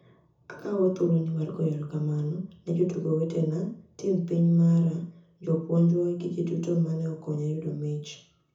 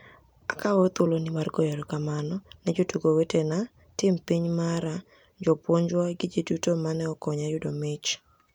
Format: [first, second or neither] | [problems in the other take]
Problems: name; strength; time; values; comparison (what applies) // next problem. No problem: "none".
second | room echo; dies away in 0.5 s